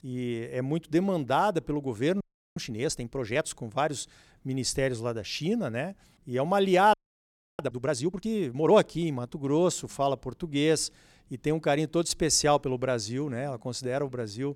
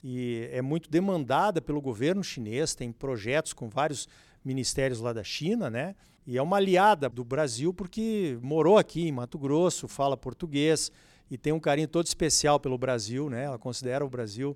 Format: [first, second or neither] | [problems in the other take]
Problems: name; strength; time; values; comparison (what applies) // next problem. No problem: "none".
second | audio freezing; at 2 s and at 7 s for 0.5 s